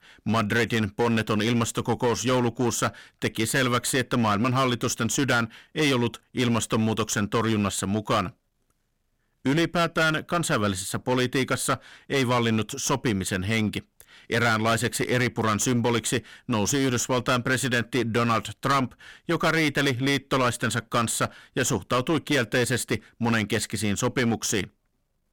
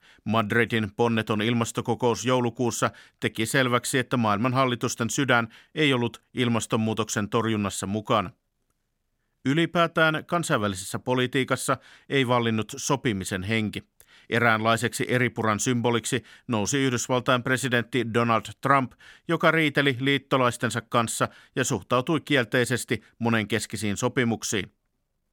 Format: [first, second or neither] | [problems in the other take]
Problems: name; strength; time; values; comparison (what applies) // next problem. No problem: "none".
second | distortion; heavy; 14% of the sound clipped